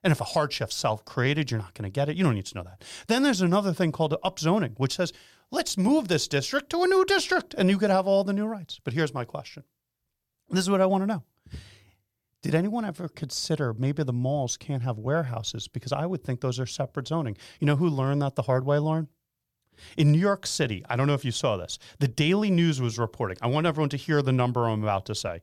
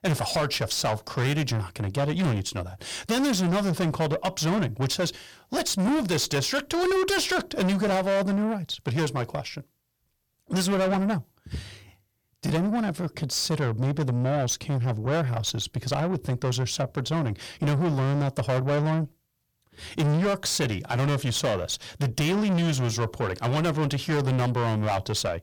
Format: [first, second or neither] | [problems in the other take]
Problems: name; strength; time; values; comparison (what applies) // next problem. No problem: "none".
first | distortion; heavy; 7 dB below the speech